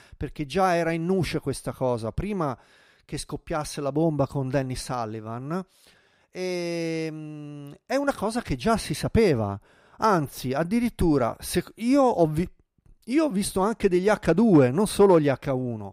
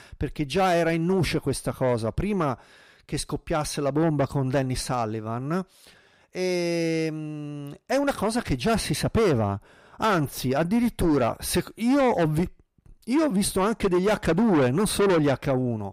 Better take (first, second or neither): first